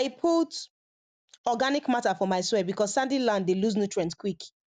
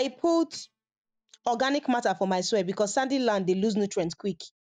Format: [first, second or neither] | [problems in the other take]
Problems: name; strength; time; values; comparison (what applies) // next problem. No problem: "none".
first | noise reduction (neural mask model DeepFilterNet 3)